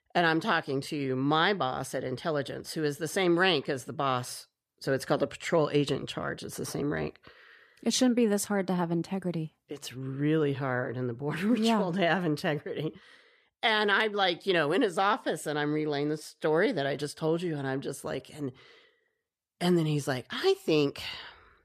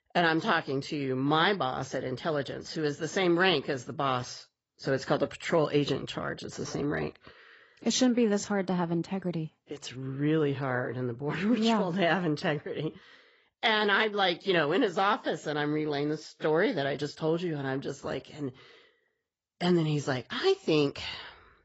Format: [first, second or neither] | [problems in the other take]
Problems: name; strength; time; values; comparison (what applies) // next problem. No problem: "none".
first | garbled, watery; badly; nothing above 7.5 kHz